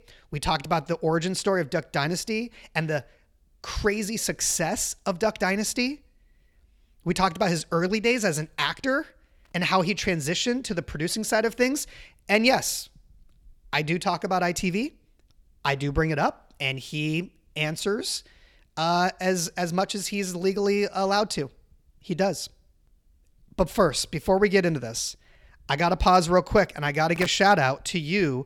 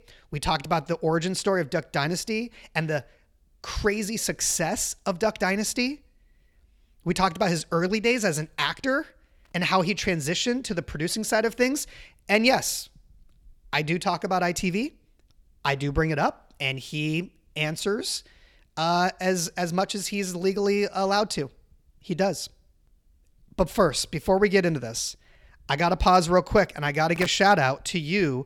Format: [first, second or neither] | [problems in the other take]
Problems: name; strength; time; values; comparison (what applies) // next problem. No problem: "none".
neither | none